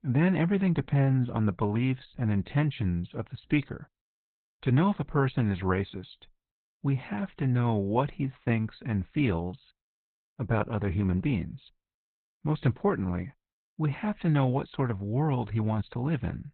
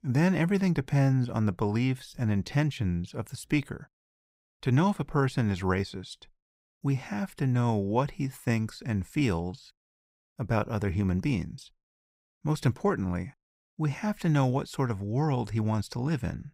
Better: second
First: garbled, watery; badly; nothing above 4 kHz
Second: none

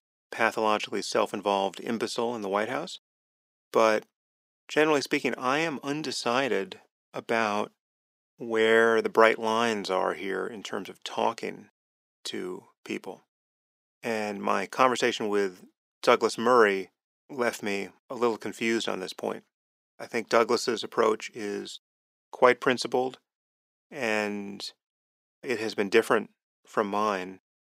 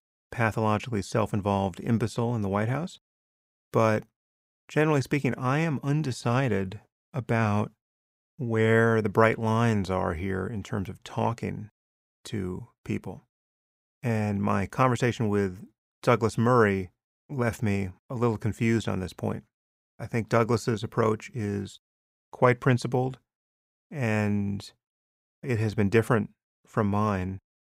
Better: second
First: thin; somewhat; fading below 300 Hz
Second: none

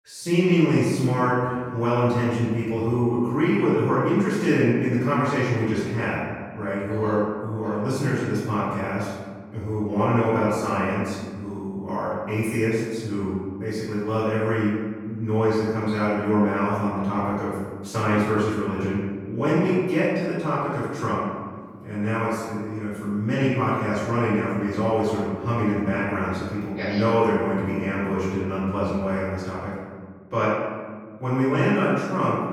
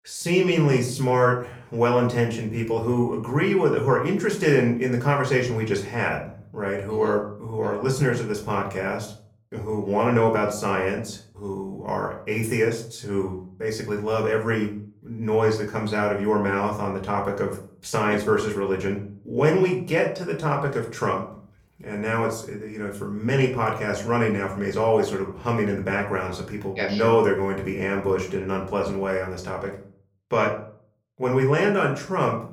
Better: second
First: room echo; strong; dies away in 1.5 s // off-mic speech; far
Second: room echo; slight; dies away in 0.4 s // off-mic speech; far

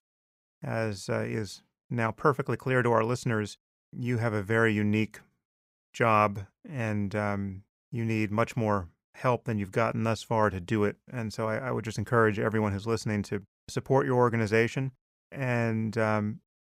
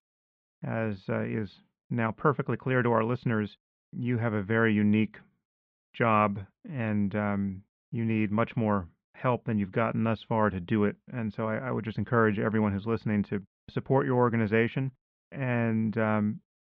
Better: first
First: none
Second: muffled; very; fading above 3.5 kHz

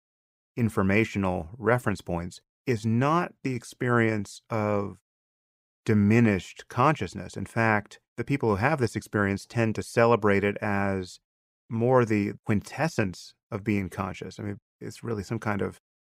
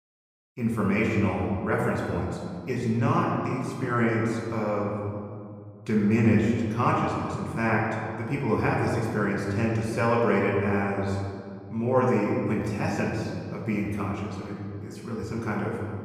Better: first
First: none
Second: room echo; noticeable; dies away in 2 s // off-mic speech; far

